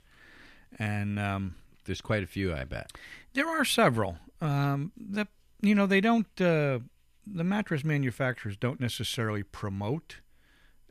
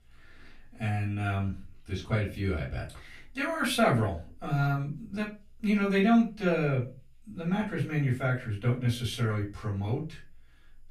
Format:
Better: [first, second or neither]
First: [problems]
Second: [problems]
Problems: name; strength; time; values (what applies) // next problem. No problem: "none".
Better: first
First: none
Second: off-mic speech; far // room echo; slight; dies away in 0.3 s